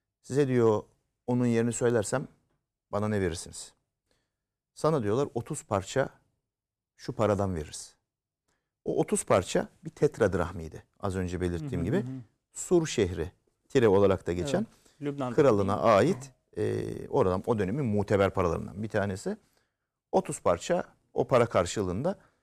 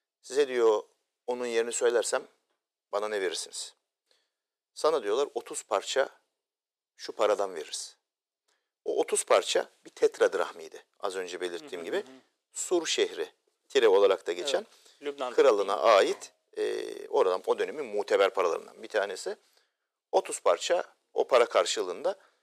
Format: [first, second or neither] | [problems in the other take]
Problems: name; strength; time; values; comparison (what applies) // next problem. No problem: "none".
first | thin; very; fading below 400 Hz